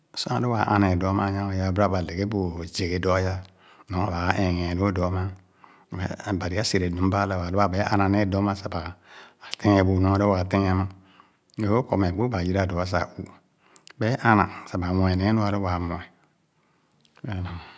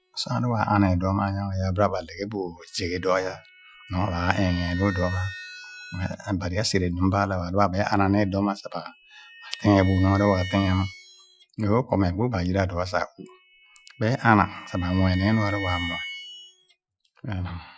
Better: first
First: none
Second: noise reduction (classical method Wiener filter)

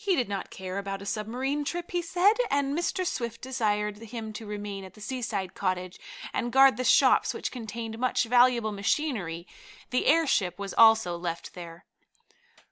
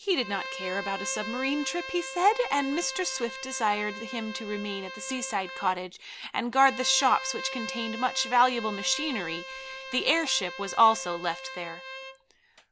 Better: first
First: none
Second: background sound (Bowed string instrument); 11 dB below the speech

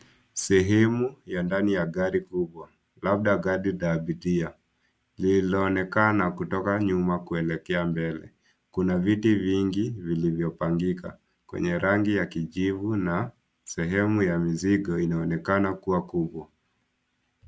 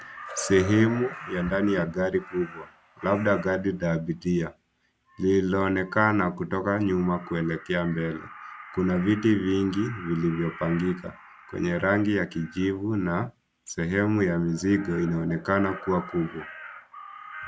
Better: first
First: none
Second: background sound (Crow); 17 dB below the speech

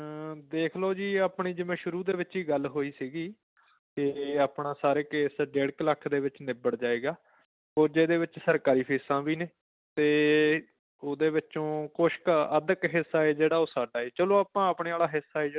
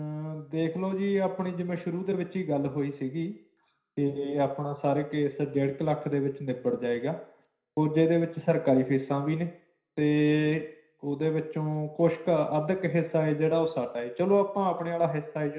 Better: first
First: none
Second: room echo; dies away in 0.5 s

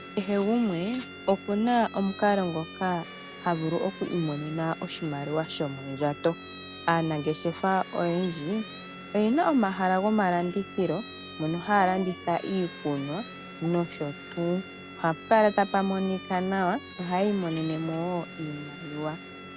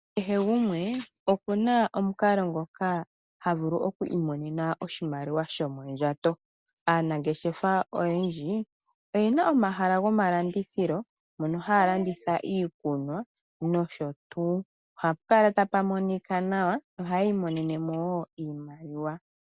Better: second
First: background sound (Siren + Electric guitar); 14 dB below the speech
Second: none

